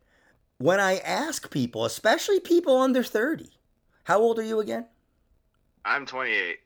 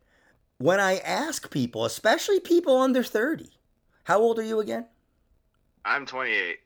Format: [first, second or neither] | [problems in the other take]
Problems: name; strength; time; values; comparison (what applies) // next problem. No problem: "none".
neither | none